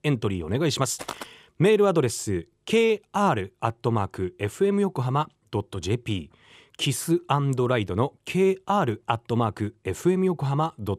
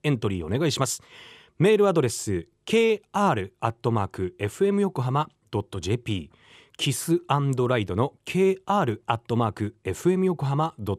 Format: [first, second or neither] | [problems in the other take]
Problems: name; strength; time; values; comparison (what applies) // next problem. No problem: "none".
second | footsteps; faint; at 1 s; peak 10 dB below the speech